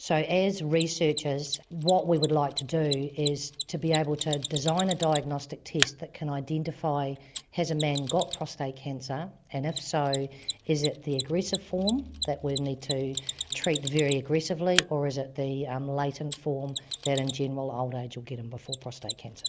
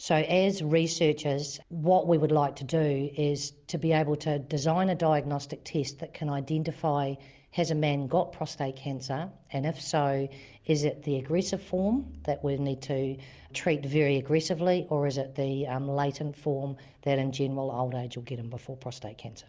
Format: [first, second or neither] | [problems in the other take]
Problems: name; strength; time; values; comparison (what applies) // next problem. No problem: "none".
second | background sound (Mechanisms); 9 dB below the speech